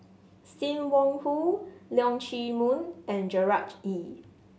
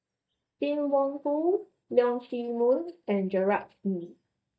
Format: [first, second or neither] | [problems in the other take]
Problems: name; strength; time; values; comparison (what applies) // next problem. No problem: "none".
first | noise reduction (neural mask model DeepFilterNet 3)